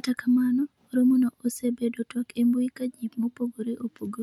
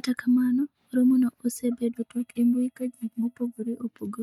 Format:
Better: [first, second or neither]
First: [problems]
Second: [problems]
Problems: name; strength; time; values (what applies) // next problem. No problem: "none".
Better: first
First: none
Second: noise reduction (neural mask model DeepFilterNet 3)